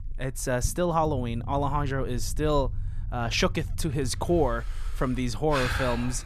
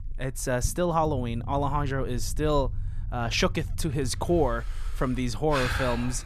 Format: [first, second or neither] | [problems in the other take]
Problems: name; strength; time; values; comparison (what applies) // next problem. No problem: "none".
neither | low rumble; faint; throughout; 25 dB below the speech; the same in both